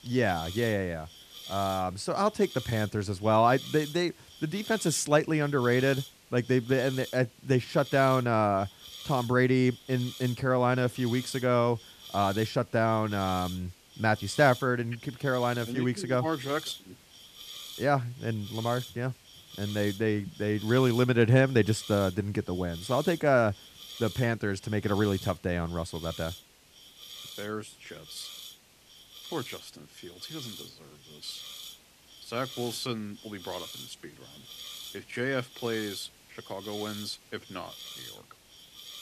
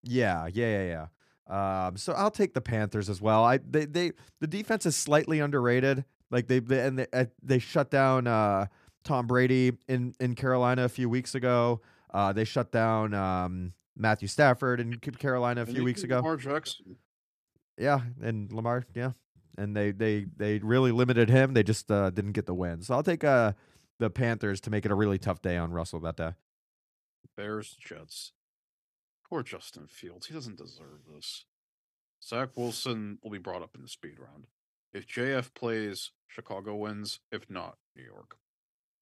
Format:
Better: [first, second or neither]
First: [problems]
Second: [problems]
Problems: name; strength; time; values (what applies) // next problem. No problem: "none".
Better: second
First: hiss; noticeable; throughout; 15 dB below the speech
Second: none